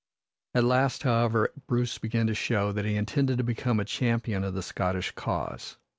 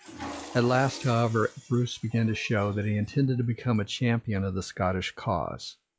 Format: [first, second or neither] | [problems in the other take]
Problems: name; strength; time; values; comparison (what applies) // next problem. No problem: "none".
first | noise reduction (classical method log-MMSE)